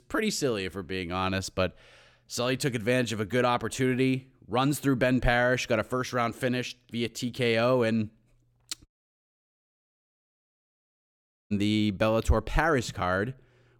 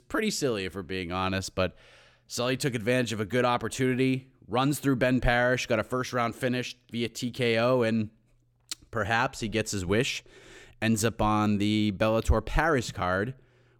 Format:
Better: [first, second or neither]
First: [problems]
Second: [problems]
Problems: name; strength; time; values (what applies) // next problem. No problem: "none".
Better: second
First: audio cutting out; at 9 s for 2.5 s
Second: none